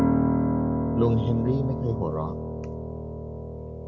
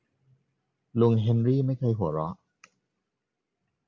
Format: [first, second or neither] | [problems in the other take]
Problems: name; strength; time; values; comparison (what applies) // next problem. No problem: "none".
second | background sound (Piano); 3 dB above the speech